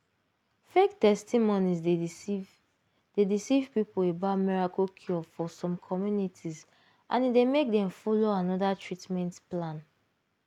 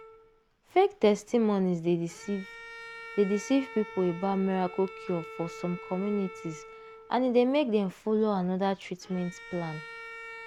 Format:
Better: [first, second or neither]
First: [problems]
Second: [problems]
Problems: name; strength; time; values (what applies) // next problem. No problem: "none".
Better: first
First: none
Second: background sound (Bowed string instrument); 17 dB below the speech